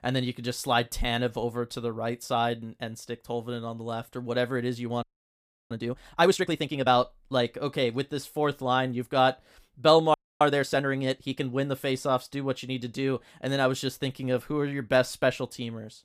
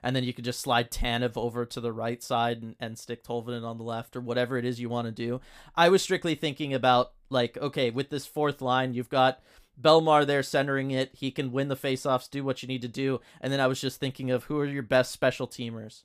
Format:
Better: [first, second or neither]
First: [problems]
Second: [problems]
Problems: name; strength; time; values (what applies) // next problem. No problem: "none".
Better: second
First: audio freezing; at 5 s for 0.5 s and at 10 s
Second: none